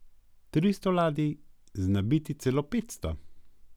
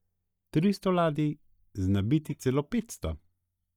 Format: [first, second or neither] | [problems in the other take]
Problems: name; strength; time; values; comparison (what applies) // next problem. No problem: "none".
first | noise reduction (neural mask model DeepFilterNet 3)